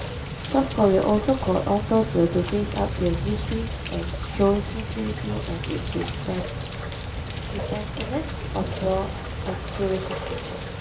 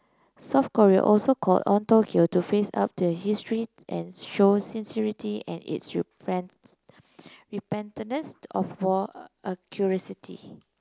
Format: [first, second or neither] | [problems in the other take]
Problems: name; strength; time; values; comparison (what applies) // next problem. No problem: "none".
second | background sound (Rain); 4 dB below the speech // room echo; dies away in 0.3 s